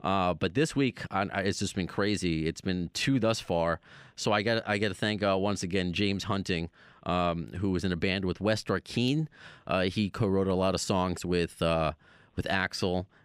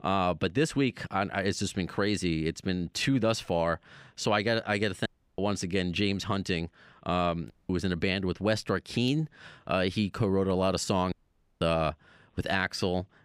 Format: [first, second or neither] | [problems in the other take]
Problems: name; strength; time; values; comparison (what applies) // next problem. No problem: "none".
first | audio cutting out; at 5 s, at 7.5 s and at 11 s